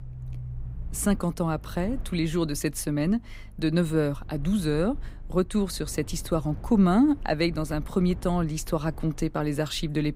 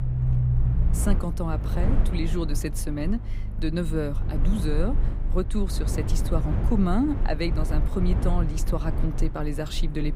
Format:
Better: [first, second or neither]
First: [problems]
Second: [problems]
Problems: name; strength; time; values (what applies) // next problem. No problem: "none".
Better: first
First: low rumble; faint; throughout; 25 dB below the speech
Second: low rumble; loud; throughout; 8 dB below the speech